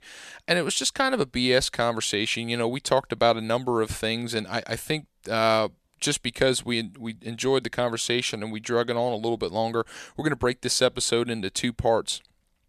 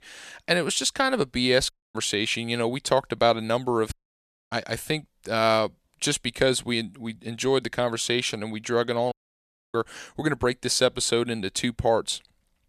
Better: first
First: none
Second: audio cutting out; at 1.5 s, at 4 s for 0.5 s and at 9 s for 0.5 s

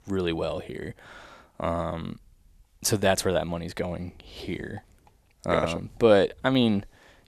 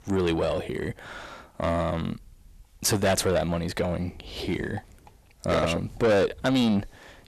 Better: first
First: none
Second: distortion; heavy; 7 dB below the speech

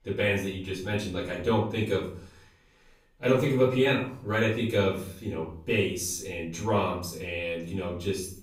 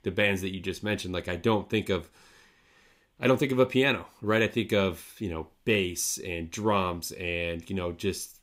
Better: second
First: off-mic speech; far // room echo; noticeable; dies away in 0.4 s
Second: none

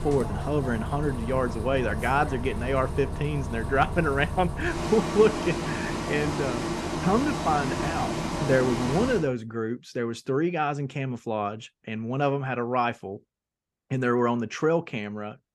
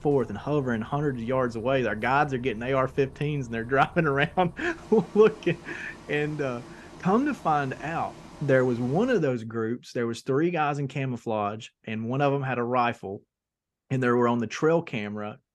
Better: second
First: traffic noise; loud; until 9 s; 4 dB below the speech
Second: traffic noise; faint; until 9 s; 20 dB below the speech

